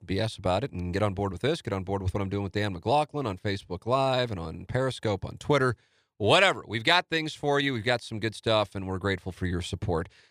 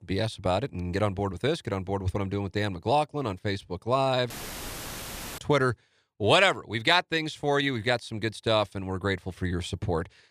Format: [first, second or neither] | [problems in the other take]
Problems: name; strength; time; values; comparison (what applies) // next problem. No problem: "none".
first | audio cutting out; filled with static; at 4.5 s for 1 s